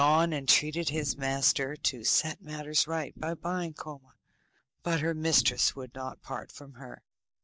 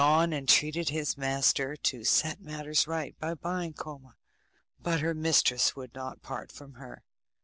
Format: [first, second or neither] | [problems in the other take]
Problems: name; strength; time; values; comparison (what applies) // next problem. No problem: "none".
second | noise reduction (neural mask model DeepFilterNet 3)